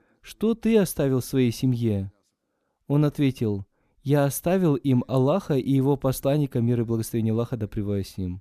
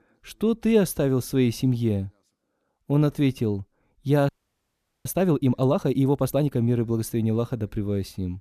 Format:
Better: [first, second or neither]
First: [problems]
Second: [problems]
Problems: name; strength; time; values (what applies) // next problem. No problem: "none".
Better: first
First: none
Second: audio freezing; at 4.5 s for 1 s